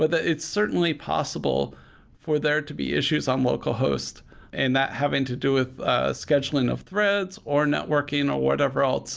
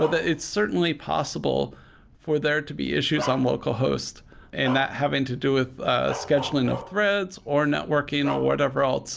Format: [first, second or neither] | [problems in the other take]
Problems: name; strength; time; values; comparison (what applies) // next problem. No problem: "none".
first | background sound (Bark); 15 dB below the speech